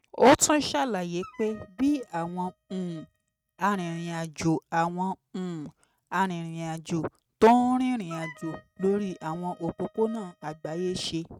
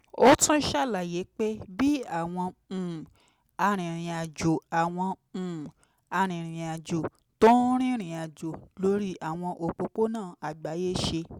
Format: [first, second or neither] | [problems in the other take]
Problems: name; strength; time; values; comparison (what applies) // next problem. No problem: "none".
second | noise reduction (neural mask model RNNoise)